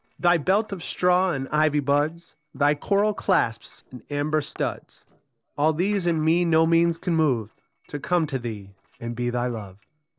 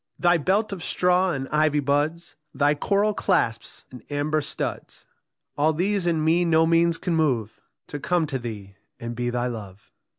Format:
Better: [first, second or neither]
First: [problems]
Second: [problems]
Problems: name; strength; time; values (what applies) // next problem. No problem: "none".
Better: second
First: noise reduction (neural separator model SepFormer DNS4)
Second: none